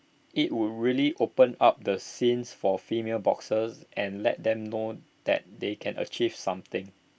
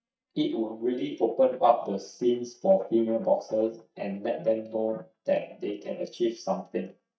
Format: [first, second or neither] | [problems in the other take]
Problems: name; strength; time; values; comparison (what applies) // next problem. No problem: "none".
first | noise reduction (neural mask model DeepFilterNet 3)